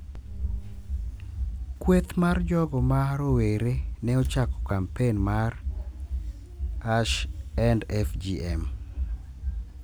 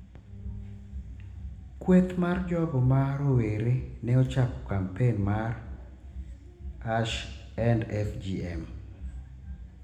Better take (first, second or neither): first